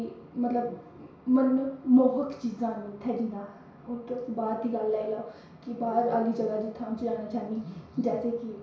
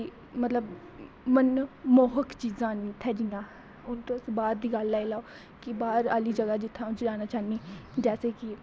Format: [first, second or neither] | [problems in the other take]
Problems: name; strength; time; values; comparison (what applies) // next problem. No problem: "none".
second | room echo; dies away in 0.6 s